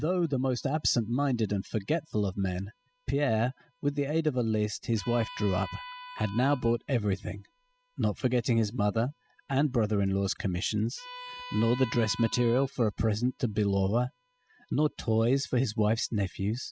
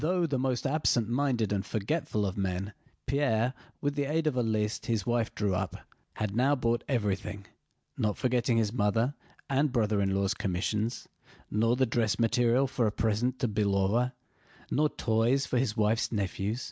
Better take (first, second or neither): second